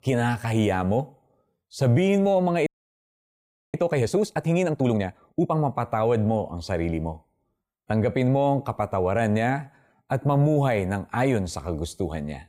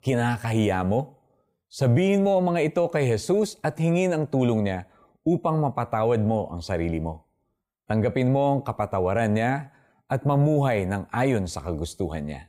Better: second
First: audio freezing; at 2.5 s for 1 s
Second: none

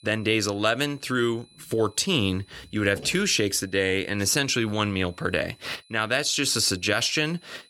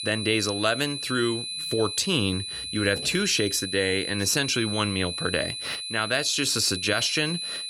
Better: first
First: high-pitched whine; faint; throughout; 4 kHz, 30 dB below the speech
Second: high-pitched whine; loud; throughout; 4 kHz, 5 dB below the speech

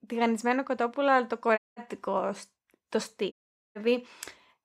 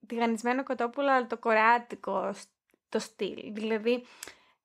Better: second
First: audio cutting out; at 1.5 s and at 3.5 s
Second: none

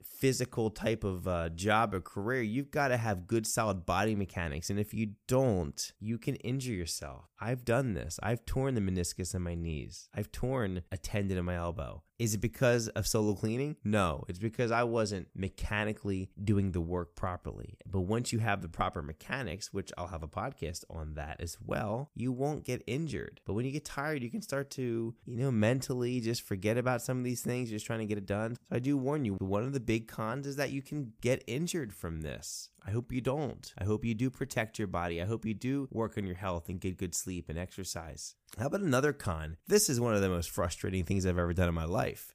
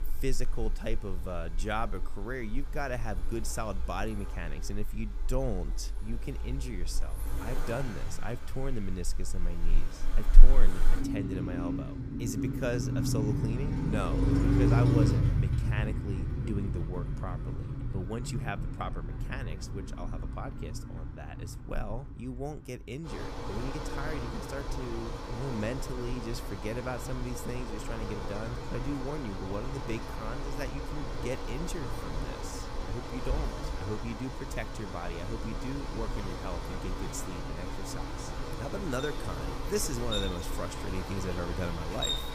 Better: first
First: none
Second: traffic noise; very loud; throughout; 4 dB above the speech

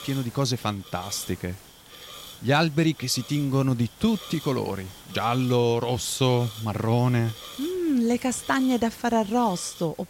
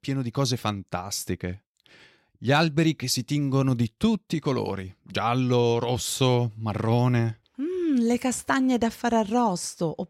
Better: second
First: hiss; noticeable; throughout; 15 dB below the speech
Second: none

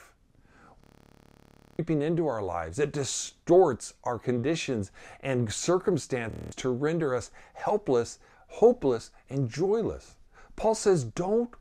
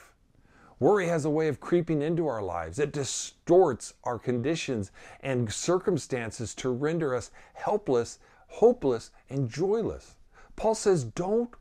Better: second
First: audio freezing; at 1 s for 1 s and at 6.5 s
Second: none

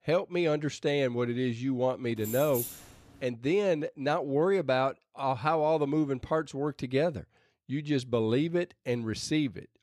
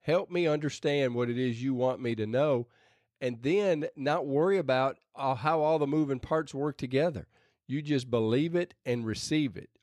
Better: second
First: jangling keys; noticeable; at 2 s; peak 6 dB below the speech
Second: none

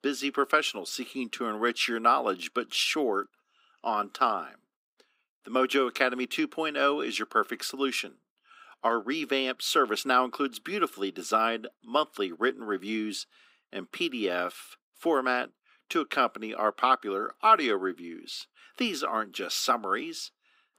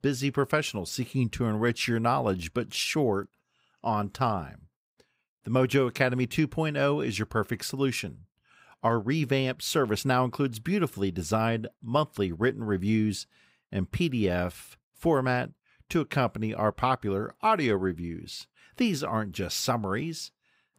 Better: second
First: thin; somewhat; fading below 250 Hz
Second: none

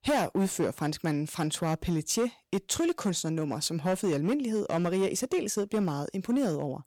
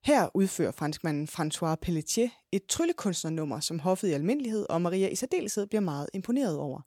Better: second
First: distortion; slight; 8% of the sound clipped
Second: none

